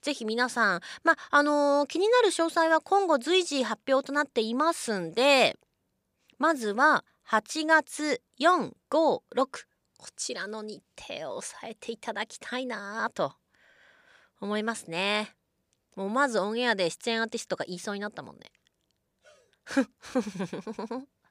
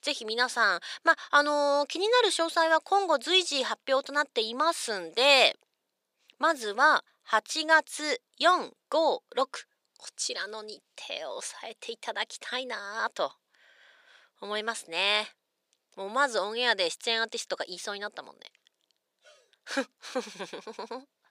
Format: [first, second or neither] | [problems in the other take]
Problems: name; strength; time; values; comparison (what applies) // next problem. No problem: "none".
first | thin; somewhat; fading below 450 Hz